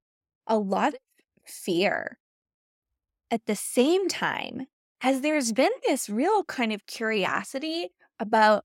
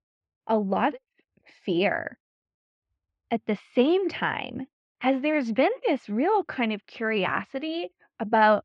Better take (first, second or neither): first